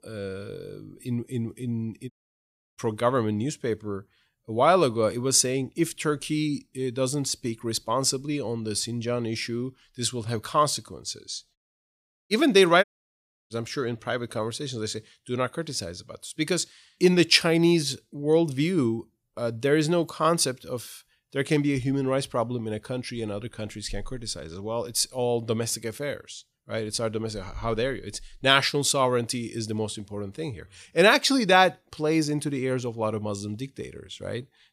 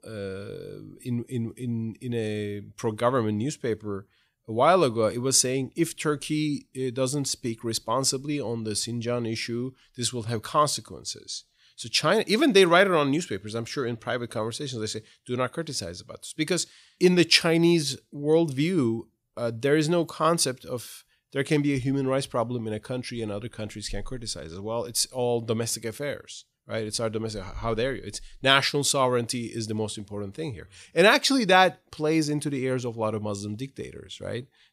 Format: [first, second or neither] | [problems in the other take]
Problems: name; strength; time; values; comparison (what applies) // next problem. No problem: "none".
second | audio cutting out; at 2 s for 0.5 s, at 12 s for 0.5 s and at 13 s for 0.5 s